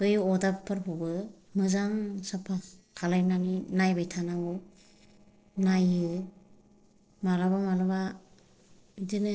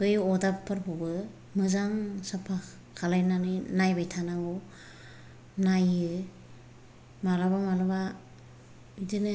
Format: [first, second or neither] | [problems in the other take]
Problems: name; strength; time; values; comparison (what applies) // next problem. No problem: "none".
second | noise reduction (neural separator model SepFormer DNS4)